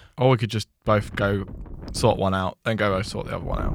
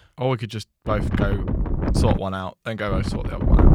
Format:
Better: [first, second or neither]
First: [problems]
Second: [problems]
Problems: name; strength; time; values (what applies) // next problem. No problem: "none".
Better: first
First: wind noise on the microphone; occasional gusts; from 1 to 2 s and at 3 s; 20 dB below the speech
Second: wind noise on the microphone; heavy; from 1 to 2 s and at 3 s; 3 dB below the speech